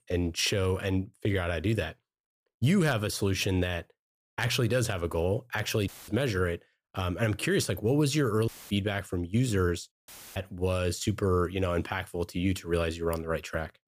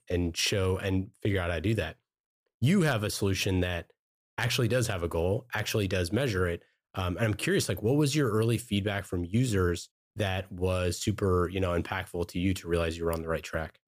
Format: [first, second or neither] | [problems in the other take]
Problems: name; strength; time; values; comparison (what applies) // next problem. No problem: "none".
second | audio cutting out; filled with static; at 6 s, at 8.5 s and at 10 s